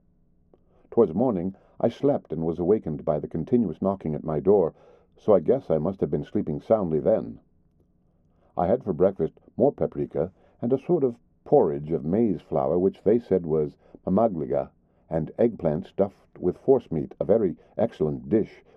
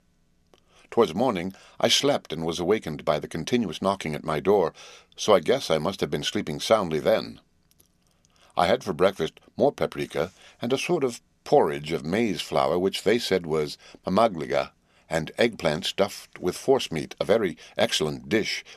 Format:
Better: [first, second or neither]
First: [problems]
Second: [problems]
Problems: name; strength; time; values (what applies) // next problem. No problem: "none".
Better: second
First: muffled; very; fading above 1.5 kHz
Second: none